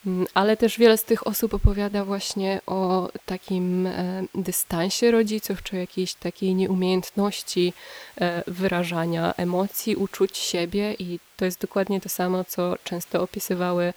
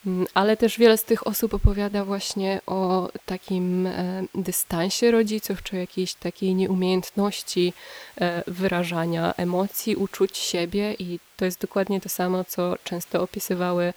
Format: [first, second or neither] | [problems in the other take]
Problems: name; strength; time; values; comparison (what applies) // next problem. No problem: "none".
neither | hiss; faint; throughout; 25 dB below the speech; the same in both